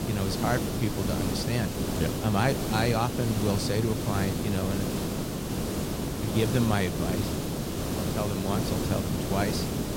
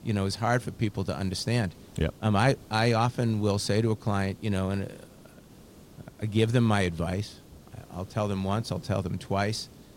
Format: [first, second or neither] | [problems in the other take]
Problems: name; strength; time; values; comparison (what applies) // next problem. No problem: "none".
second | hiss; loud; throughout; 1 dB below the speech; faint in the second